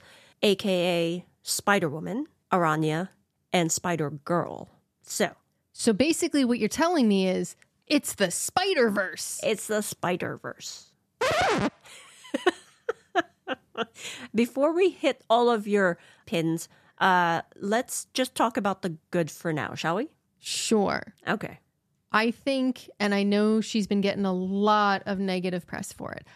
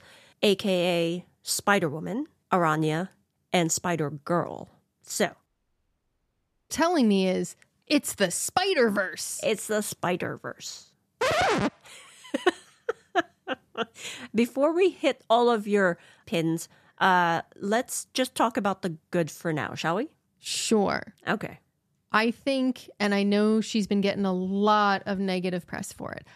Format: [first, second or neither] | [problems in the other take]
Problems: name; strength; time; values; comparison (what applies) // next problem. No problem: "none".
first | audio cutting out; at 5.5 s for 1 s